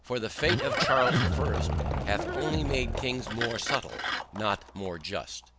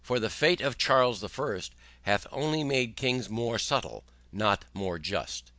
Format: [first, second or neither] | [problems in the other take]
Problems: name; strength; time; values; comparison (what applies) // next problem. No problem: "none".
second | background sound (Glass + Livestock, farm animals, working animals); 1 dB above the speech